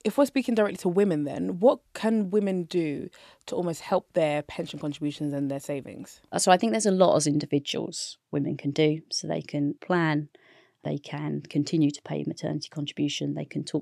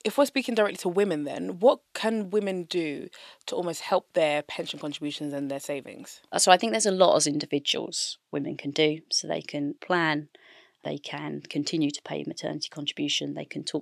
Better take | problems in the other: first | thin; very slightly; fading below 950 Hz

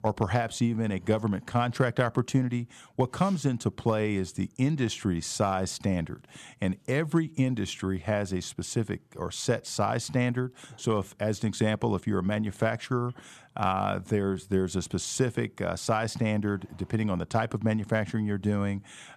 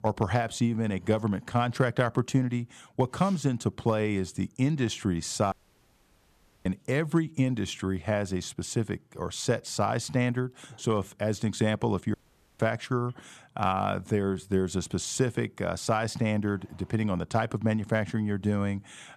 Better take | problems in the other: first | audio cutting out; at 5.5 s for 1 s and at 12 s

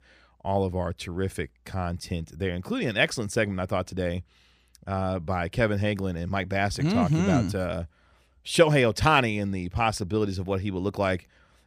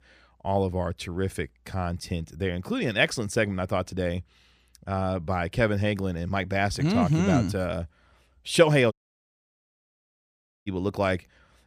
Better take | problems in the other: first | audio cutting out; at 9 s for 1.5 s

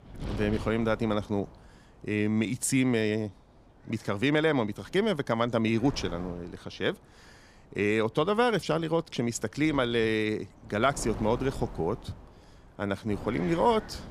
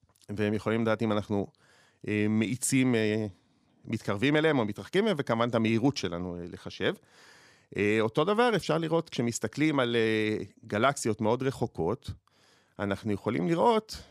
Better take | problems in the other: second | wind noise on the microphone; occasional gusts; 20 dB below the speech

